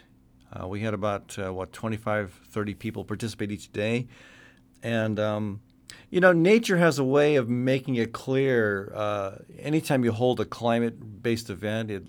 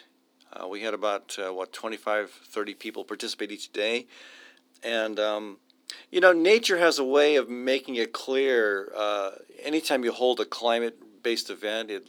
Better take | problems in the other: first | thin; somewhat; fading below 300 Hz

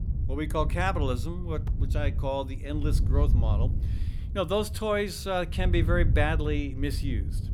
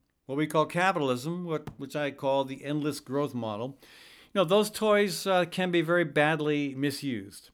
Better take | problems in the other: second | wind noise on the microphone; occasional gusts; 15 dB below the speech

